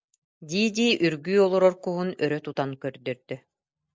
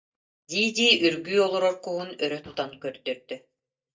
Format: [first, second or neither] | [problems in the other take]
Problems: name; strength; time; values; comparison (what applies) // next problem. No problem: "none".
first | noise reduction (neural mask model DeepFilterNet 3)